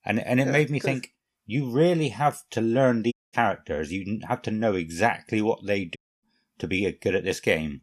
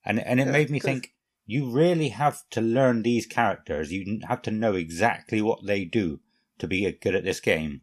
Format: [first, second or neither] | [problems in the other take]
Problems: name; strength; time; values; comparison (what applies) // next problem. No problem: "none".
second | audio cutting out; at 3 s and at 6 s